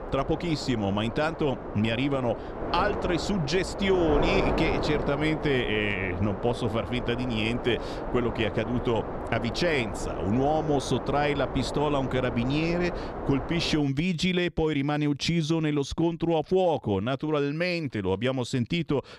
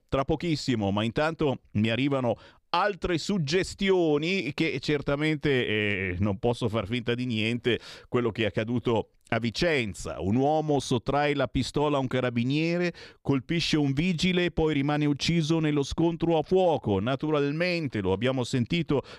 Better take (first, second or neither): second